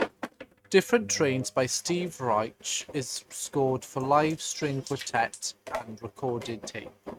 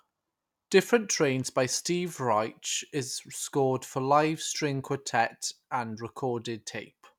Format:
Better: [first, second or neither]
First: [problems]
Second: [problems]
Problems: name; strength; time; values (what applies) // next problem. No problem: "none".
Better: second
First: noise reduction (neural mask model RNNoise)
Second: none